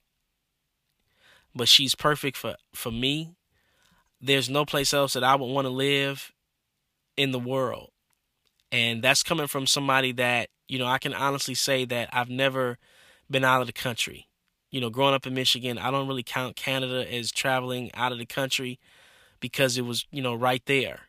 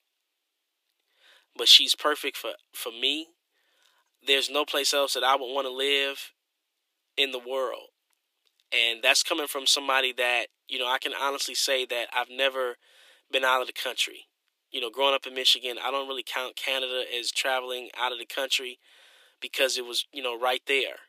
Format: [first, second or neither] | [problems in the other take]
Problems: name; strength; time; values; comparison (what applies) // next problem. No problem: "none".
first | thin; somewhat; fading below 300 Hz